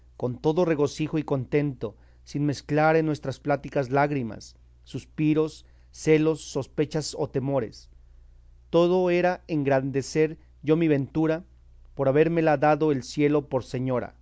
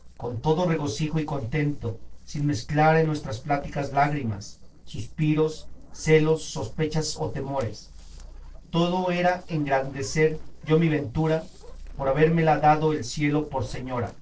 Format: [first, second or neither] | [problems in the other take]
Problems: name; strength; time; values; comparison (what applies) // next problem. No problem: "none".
first | noise reduction (neural separator model SepFormer DNS4)